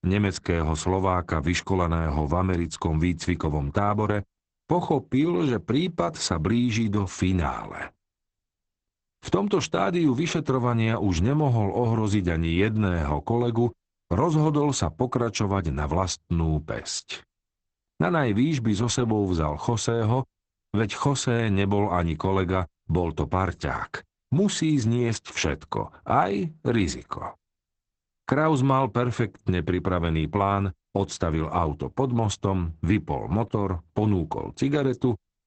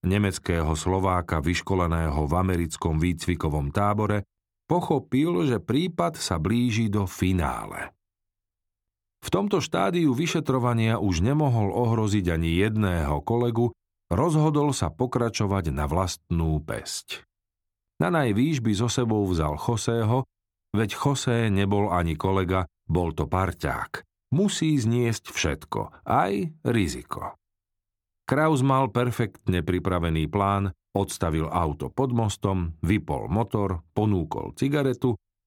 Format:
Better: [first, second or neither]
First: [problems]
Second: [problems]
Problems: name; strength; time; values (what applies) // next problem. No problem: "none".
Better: second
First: garbled, watery; badly; nothing above 8 kHz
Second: none